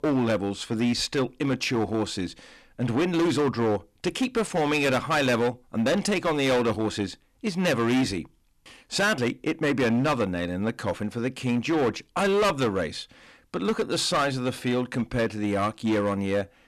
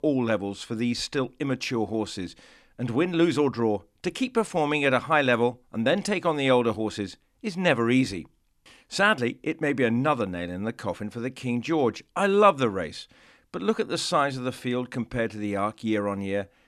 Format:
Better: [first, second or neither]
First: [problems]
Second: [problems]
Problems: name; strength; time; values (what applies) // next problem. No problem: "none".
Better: second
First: distortion; heavy; 13% of the sound clipped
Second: none